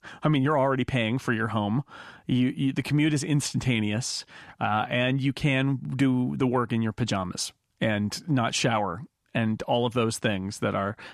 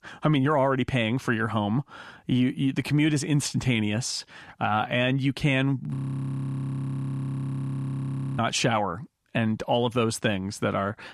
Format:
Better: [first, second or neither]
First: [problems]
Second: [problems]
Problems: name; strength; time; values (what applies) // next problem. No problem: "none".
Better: first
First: none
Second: audio freezing; at 6 s for 2.5 s